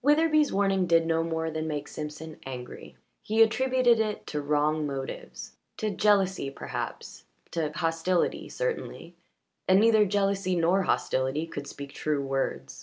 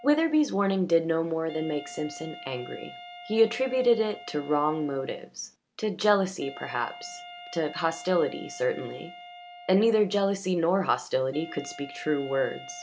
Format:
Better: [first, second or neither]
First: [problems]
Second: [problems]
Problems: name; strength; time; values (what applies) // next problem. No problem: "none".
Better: first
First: none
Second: background sound (Wind instrument, woodwind instrument); 18 dB below the speech